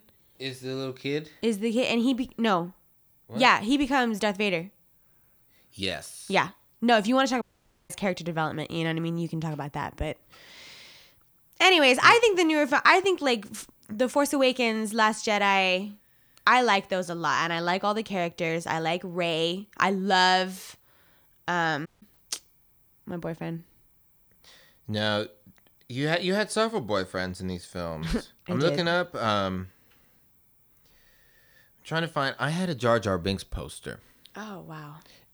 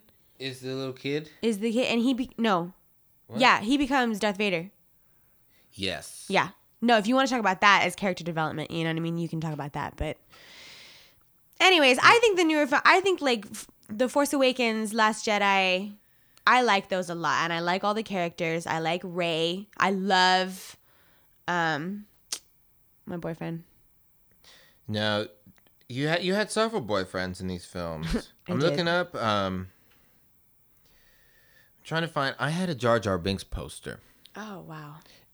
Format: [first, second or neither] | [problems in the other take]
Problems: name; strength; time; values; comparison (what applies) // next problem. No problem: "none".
second | audio cutting out; at 7.5 s and at 22 s